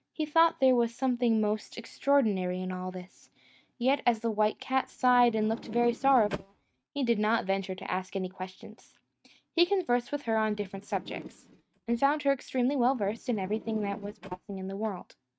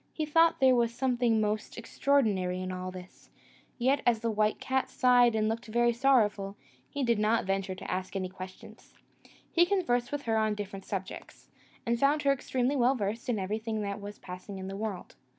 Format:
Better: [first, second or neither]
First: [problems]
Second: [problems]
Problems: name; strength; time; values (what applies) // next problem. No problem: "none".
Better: second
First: noise reduction (neural mask model RNNoise)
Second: none